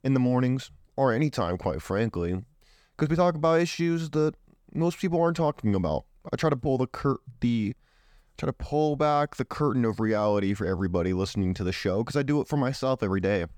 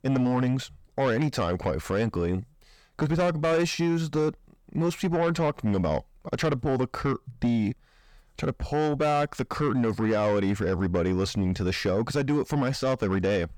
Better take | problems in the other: first | distortion; slight; 10 dB below the speech

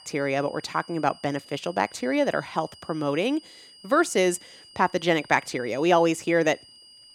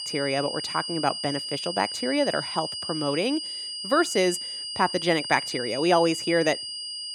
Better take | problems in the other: first | high-pitched whine; loud; throughout; 5 kHz, 5 dB below the speech; faint in the first

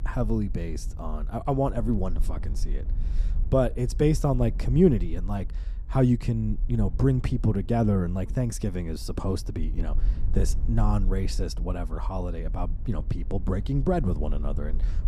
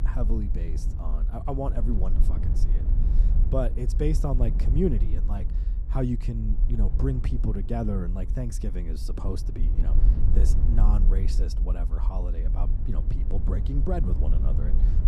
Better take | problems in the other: first | low rumble; loud; throughout; 9 dB below the speech; faint in the first

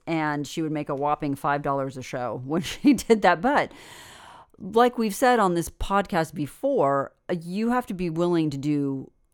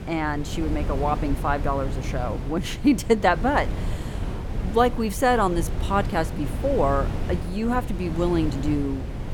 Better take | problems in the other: first | wind noise on the microphone; occasional gusts; 15 dB below the speech

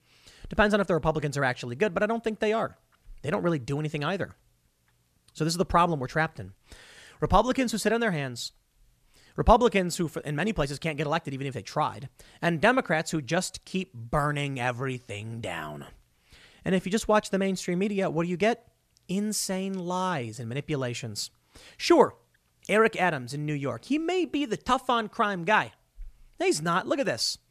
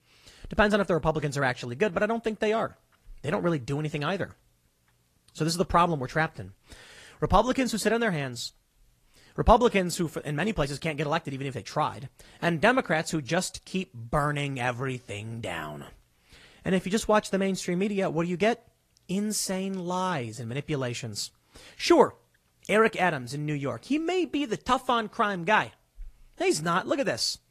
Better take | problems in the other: first | garbled, watery; slightly; nothing above 14 kHz

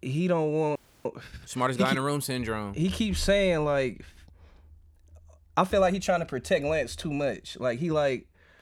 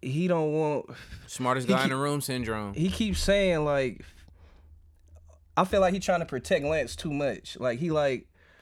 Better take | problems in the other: second | audio freezing; at 1 s

